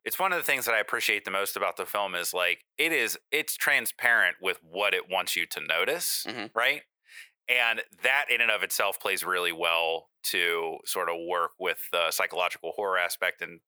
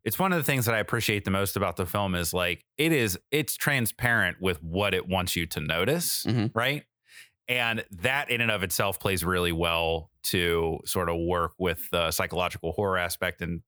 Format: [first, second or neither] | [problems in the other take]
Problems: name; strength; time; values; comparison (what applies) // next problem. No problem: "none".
second | thin; very; fading below 600 Hz